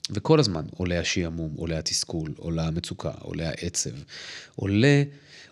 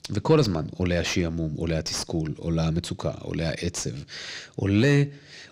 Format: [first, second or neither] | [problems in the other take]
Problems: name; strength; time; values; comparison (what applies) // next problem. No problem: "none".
first | distortion; slight; 10 dB below the speech